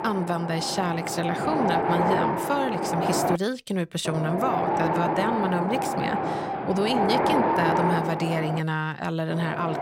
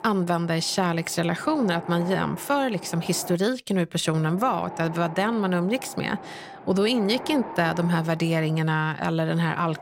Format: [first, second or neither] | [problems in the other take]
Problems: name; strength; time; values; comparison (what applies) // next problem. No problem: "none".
second | wind noise on the microphone; heavy; 3 dB above the speech; occasional gusts in the second